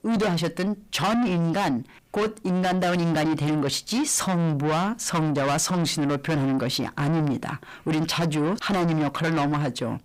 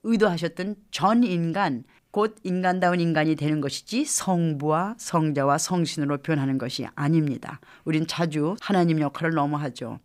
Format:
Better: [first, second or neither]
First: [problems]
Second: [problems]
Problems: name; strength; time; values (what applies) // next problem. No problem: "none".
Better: second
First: distortion; heavy; 6 dB below the speech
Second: none